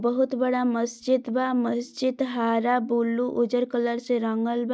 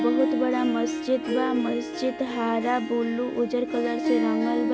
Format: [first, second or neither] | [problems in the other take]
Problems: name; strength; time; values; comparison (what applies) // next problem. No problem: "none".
first | background sound (Harp); 2 dB below the speech